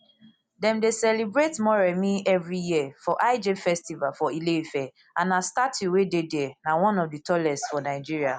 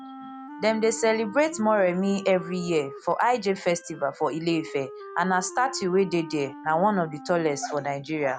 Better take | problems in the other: first | background sound (Wind instrument, woodwind instrument); 16 dB below the speech

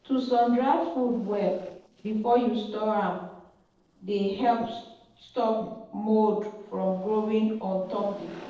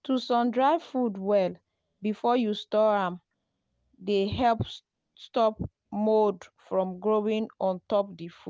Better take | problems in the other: second | noise reduction (neural separator model SepFormer DNS4)

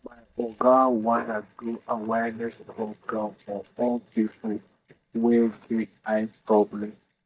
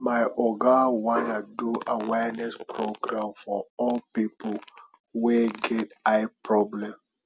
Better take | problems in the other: second | noise reduction (neural mask model DeepFilterNet 3)

